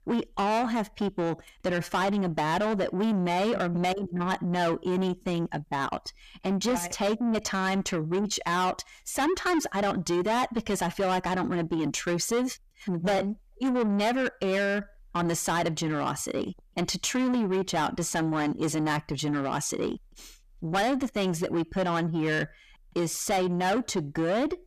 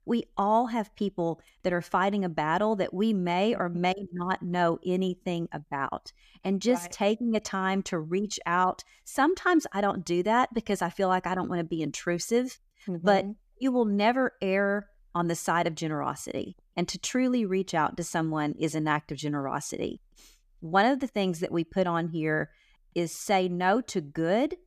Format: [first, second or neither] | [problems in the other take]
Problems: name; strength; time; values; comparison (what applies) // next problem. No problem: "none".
second | distortion; heavy; 7 dB below the speech